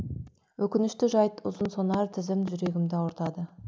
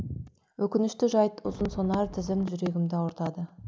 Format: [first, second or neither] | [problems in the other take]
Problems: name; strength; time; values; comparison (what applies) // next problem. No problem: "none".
first | background sound (Wind); 13 dB below the speech